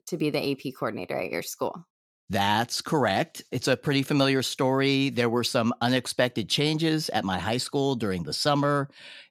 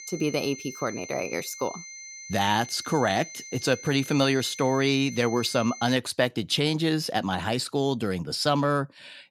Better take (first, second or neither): first